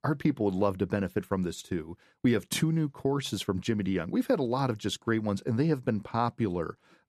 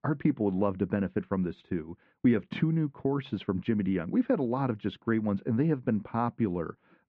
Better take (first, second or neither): first